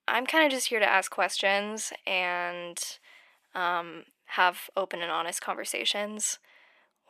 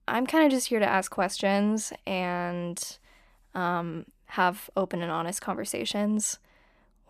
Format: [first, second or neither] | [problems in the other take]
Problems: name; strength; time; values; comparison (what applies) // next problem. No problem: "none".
second | thin; somewhat; fading below 450 Hz